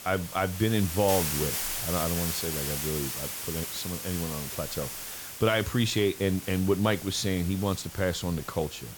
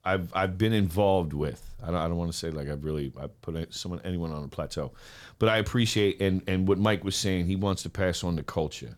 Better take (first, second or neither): second